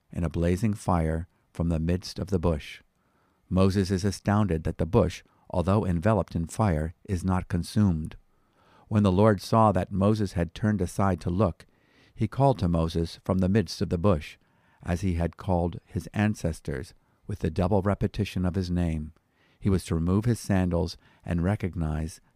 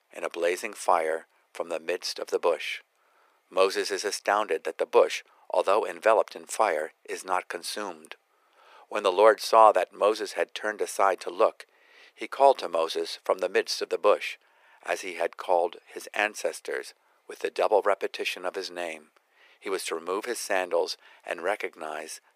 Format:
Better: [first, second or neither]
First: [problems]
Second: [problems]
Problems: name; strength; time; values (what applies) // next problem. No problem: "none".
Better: first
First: none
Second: thin; very; fading below 400 Hz